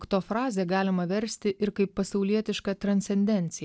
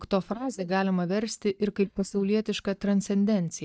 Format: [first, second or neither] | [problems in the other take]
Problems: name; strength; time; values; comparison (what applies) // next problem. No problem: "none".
first | noise reduction (neural mask model DeepFilterNet 3)